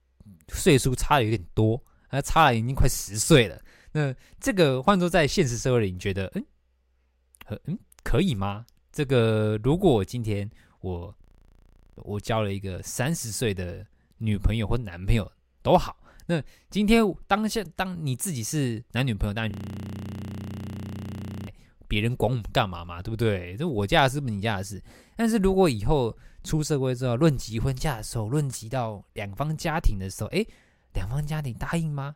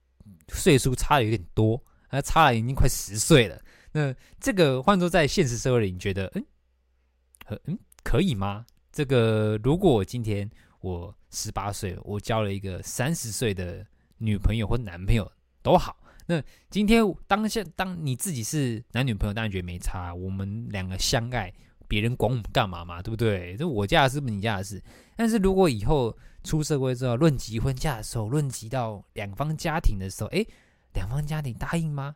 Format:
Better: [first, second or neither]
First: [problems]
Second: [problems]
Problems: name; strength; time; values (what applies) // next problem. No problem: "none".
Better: second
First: audio freezing; at 11 s for 1 s and at 20 s for 2 s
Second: none